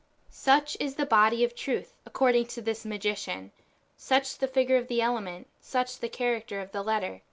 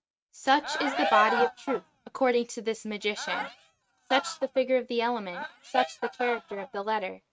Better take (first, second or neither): first